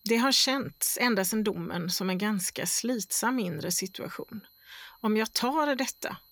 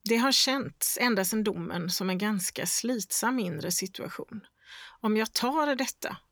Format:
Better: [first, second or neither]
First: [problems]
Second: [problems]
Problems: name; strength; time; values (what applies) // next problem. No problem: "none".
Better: second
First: high-pitched whine; faint; throughout; 12 kHz, 30 dB below the speech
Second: none